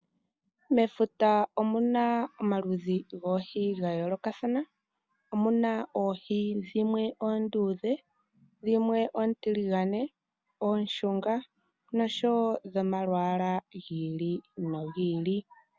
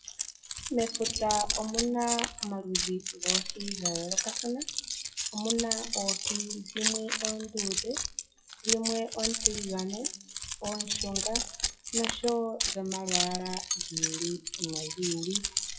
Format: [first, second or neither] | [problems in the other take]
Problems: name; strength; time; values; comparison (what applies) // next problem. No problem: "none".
first | noise reduction (classical method WPE with log-MMSE)